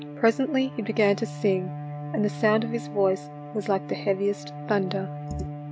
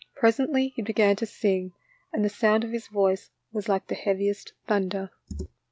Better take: second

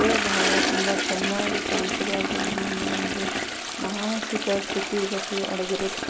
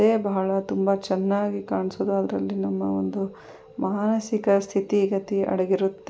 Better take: second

